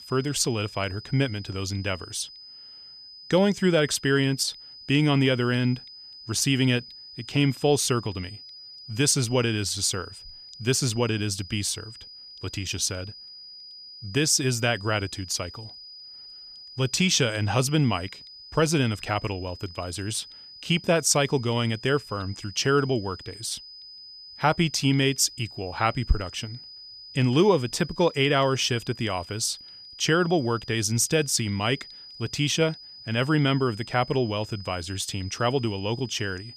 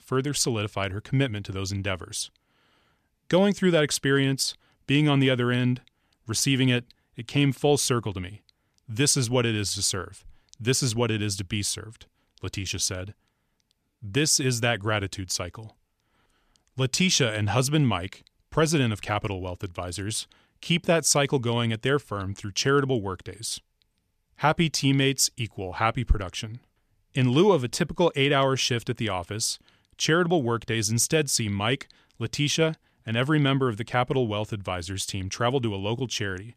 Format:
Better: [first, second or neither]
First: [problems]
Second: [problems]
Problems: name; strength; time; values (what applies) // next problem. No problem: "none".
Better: second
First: high-pitched whine; noticeable; throughout; 5 kHz, 15 dB below the speech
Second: none